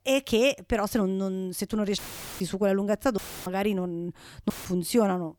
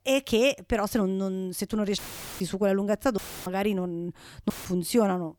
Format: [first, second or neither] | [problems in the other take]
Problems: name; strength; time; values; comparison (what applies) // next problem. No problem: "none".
neither | audio cutting out; filled with static; at 2 s, at 3 s and at 4.5 s; the same in both